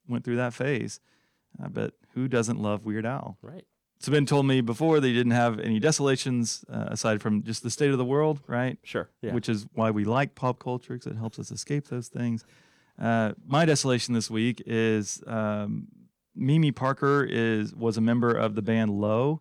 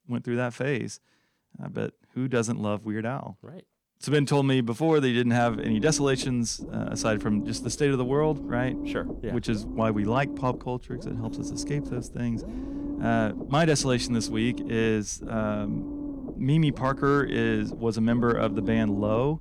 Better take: first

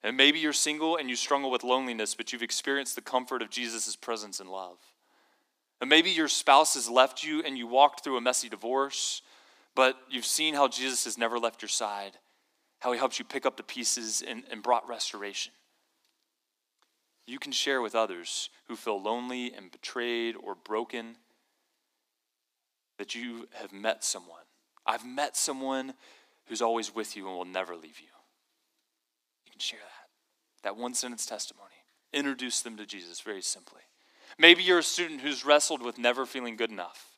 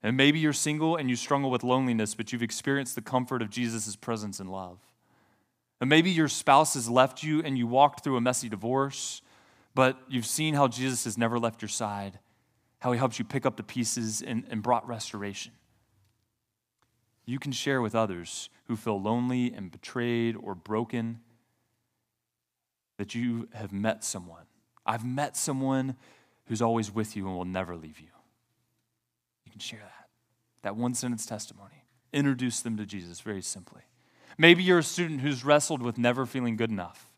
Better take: second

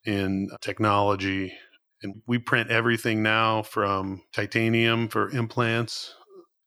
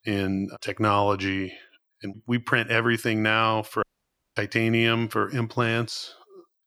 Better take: first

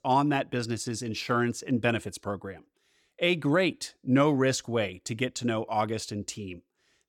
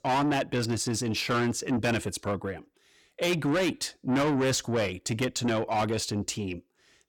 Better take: first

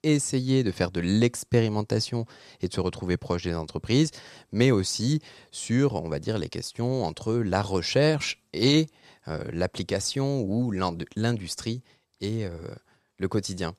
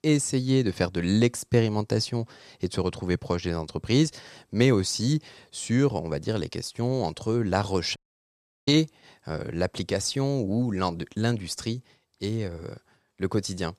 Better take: first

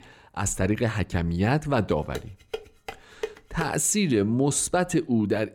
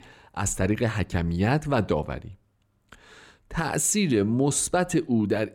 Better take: second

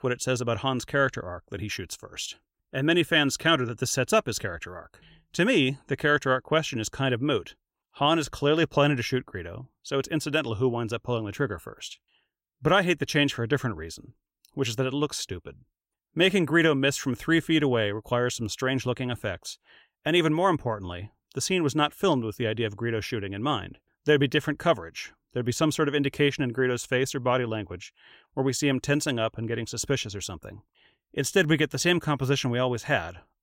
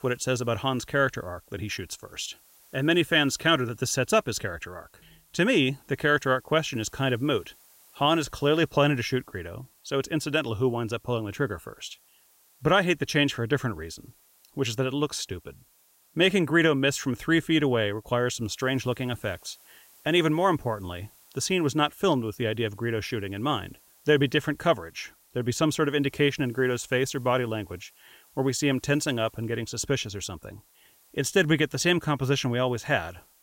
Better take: first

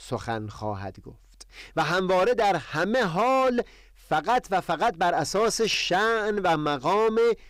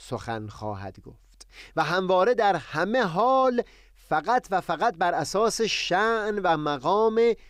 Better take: second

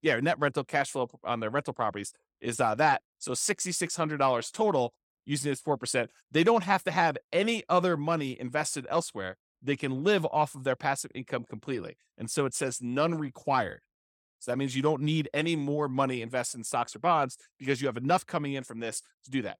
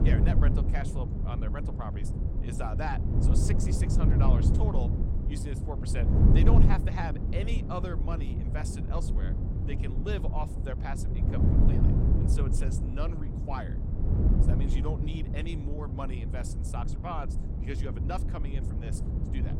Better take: first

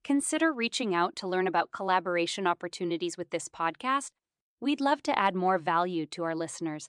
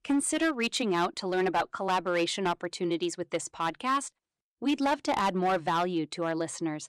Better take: first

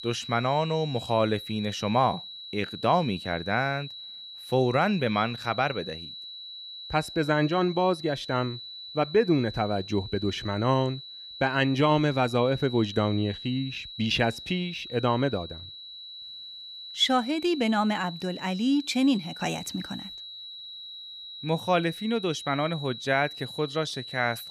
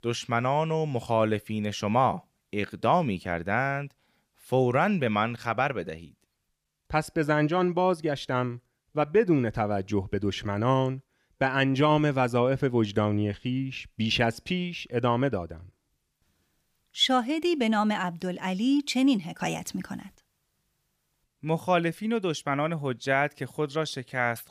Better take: second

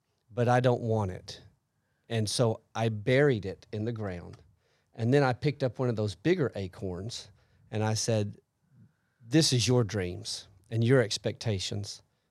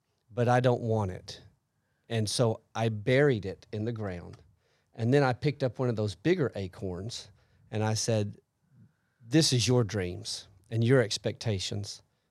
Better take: neither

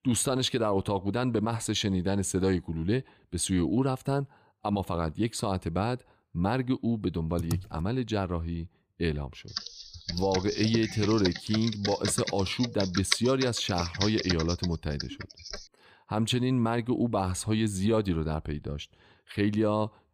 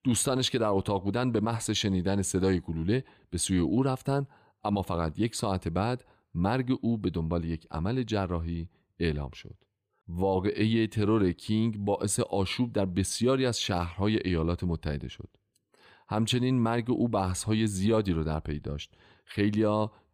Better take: second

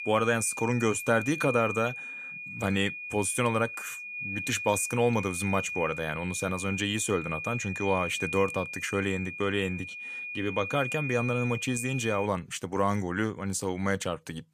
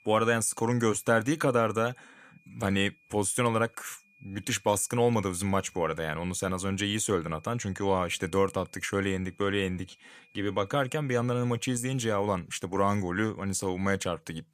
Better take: second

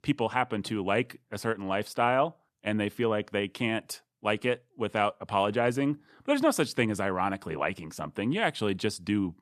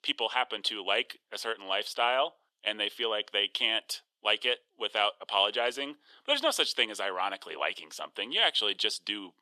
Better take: first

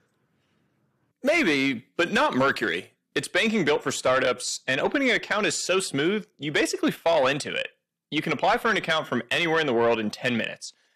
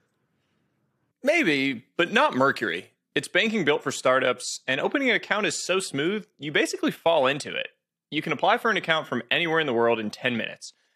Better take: second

